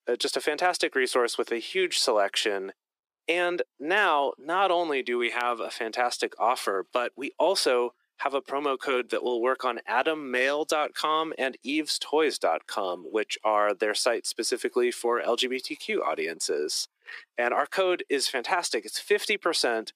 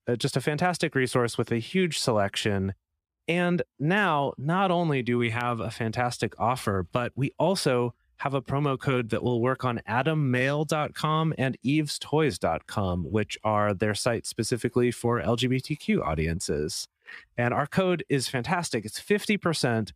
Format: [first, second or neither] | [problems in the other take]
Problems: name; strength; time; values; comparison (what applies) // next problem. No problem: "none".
second | thin; very; fading below 300 Hz